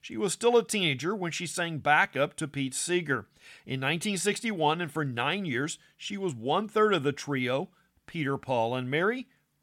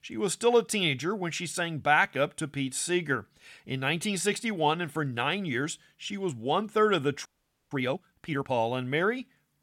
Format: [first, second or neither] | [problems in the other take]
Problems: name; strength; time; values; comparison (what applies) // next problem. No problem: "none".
first | audio freezing; at 7.5 s